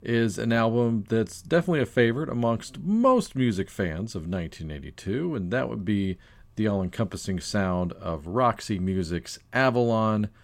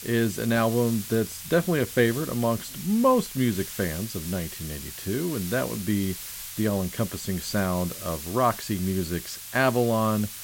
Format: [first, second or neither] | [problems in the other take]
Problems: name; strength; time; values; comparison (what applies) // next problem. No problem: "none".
first | hiss; loud; throughout; 10 dB below the speech